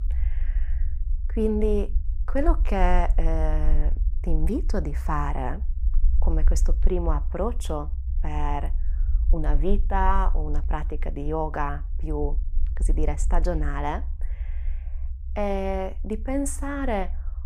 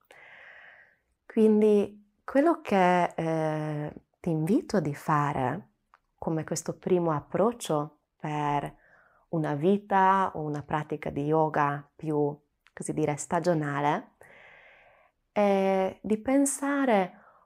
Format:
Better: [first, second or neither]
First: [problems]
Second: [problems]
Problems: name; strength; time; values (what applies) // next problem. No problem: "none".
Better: second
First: low rumble; faint; throughout; 20 dB below the speech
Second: none